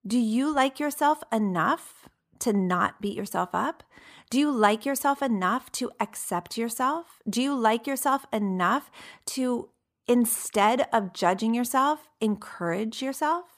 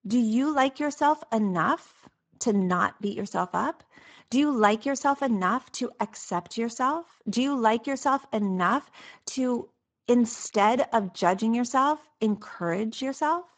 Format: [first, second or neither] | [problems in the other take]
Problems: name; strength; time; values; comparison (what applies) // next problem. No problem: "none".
first | garbled, watery; badly; nothing above 7.5 kHz